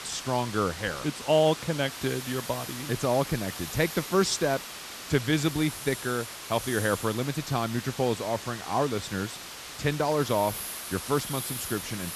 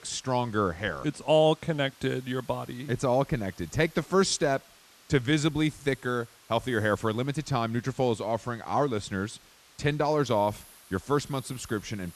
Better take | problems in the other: second | hiss; loud; throughout; 8 dB below the speech; faint in the second

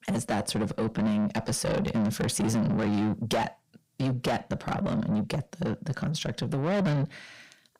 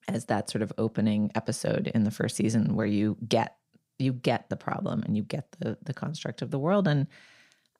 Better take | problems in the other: second | distortion; heavy; 7 dB below the speech

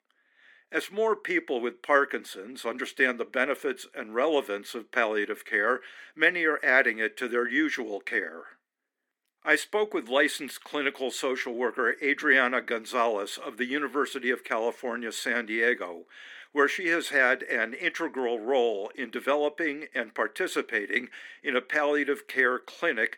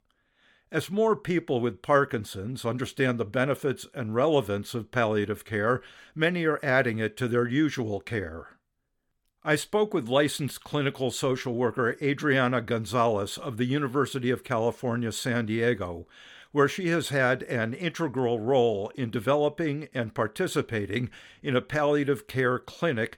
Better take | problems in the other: second | thin; somewhat; fading below 250 Hz

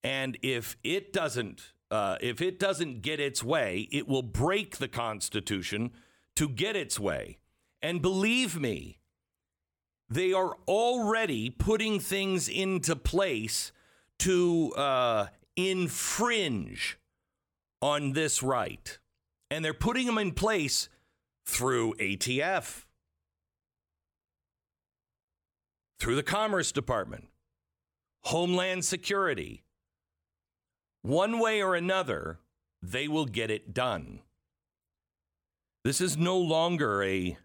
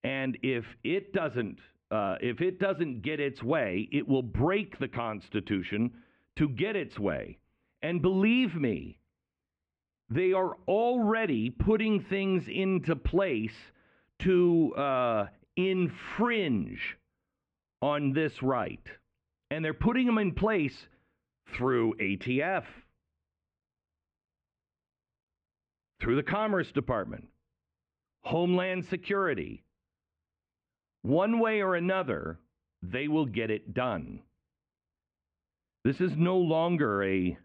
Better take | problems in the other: first | muffled; very; fading above 2.5 kHz

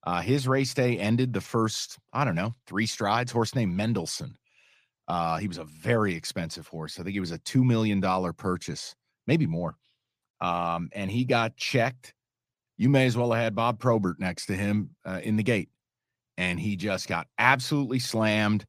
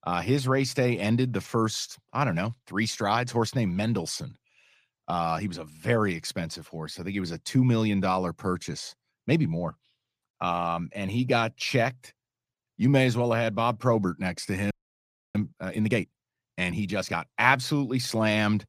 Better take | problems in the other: first | audio freezing; at 15 s for 0.5 s

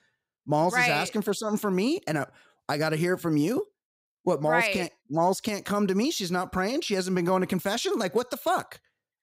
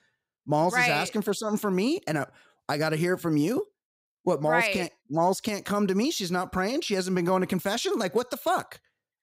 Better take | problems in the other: neither | none

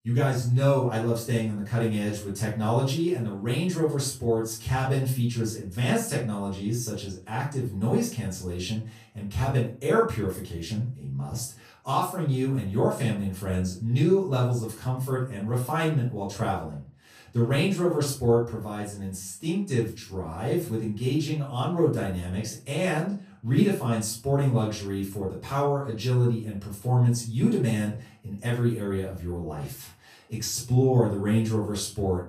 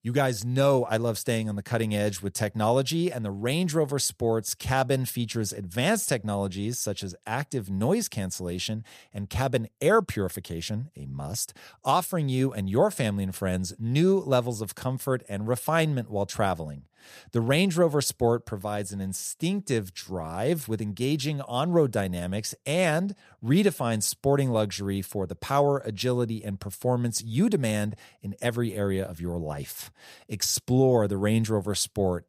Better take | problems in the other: second | off-mic speech; far // room echo; slight; dies away in 0.3 s

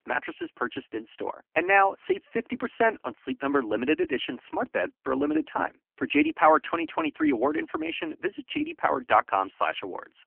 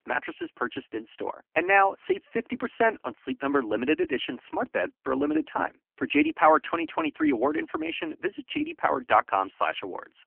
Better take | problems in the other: neither | phone-call audio; poor line; nothing above 3 kHz; the same in both

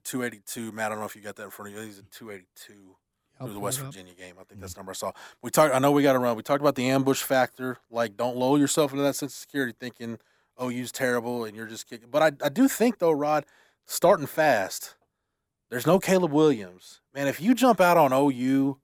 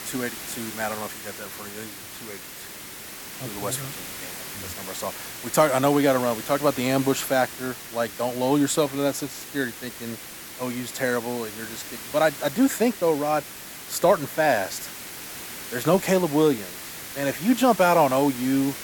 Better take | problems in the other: first | hiss; noticeable; throughout; 10 dB below the speech

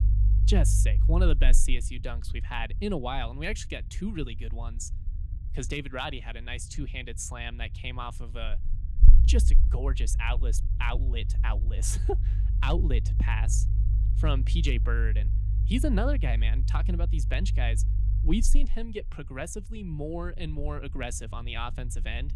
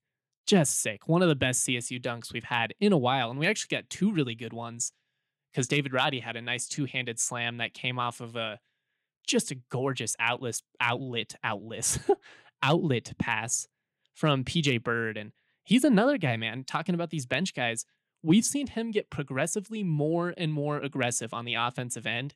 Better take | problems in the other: second | low rumble; noticeable; throughout; 15 dB below the speech

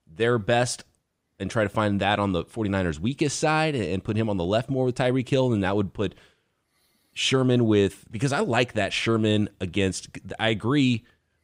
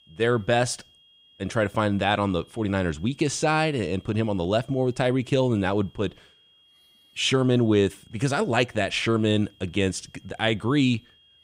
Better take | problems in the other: first | high-pitched whine; faint; throughout; 3.5 kHz, 30 dB below the speech

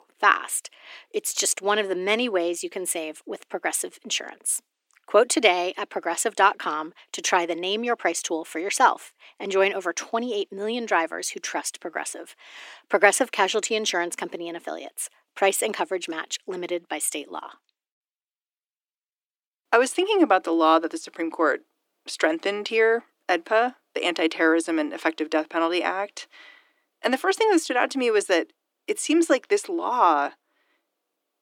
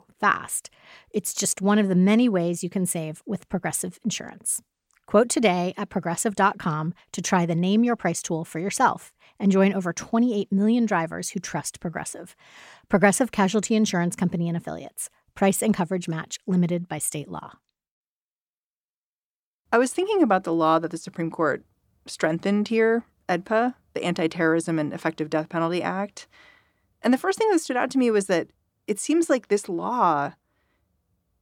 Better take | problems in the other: second | thin; somewhat; fading below 300 Hz

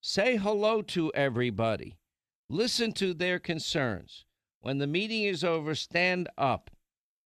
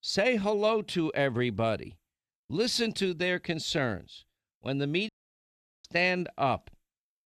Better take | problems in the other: first | audio cutting out; at 5 s for 1 s

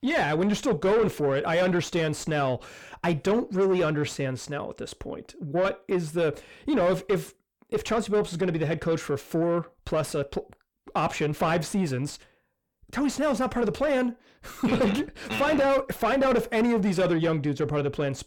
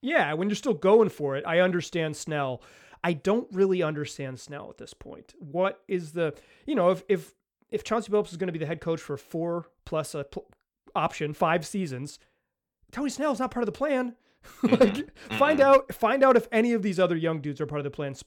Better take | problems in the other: second | distortion; heavy; 5 dB below the speech

